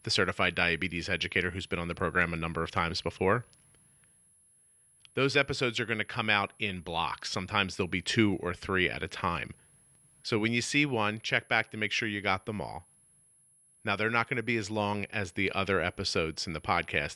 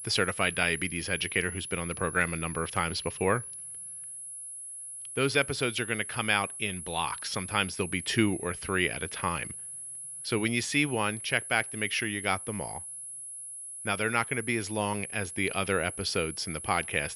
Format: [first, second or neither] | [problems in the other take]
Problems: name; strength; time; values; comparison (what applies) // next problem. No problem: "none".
first | high-pitched whine; loud; throughout; 10.5 kHz, 8 dB below the speech; faint in the first